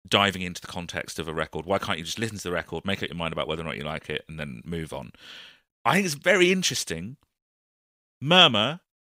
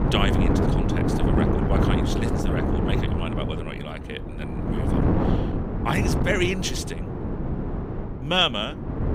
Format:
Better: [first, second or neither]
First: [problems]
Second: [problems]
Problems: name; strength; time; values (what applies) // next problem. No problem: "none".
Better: first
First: none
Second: wind noise on the microphone; heavy; 2 dB below the speech